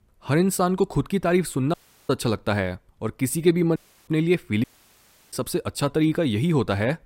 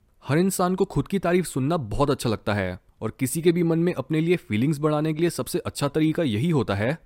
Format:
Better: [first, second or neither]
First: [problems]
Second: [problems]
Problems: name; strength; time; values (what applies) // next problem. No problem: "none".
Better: second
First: audio cutting out; at 1.5 s, at 4 s and at 4.5 s for 0.5 s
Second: none